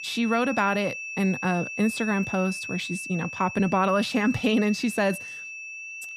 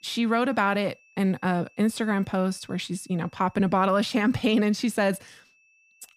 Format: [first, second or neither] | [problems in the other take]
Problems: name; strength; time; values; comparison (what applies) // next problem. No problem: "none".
second | high-pitched whine; loud; throughout; 2.5 kHz, 8 dB below the speech; faint in the second